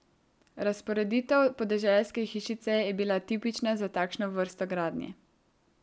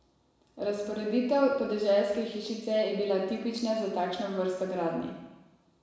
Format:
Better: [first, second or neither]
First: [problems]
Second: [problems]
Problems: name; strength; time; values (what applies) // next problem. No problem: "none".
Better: first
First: none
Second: room echo; dies away in 1 s